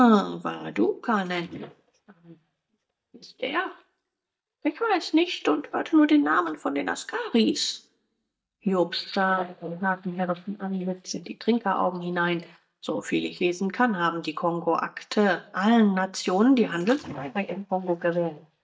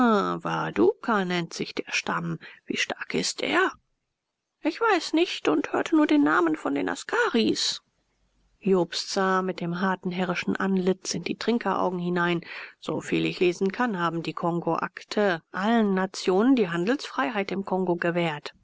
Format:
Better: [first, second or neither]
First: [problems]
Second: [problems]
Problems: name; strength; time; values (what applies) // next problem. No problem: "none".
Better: second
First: noise reduction (neural mask model DeepFilterNet 3)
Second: none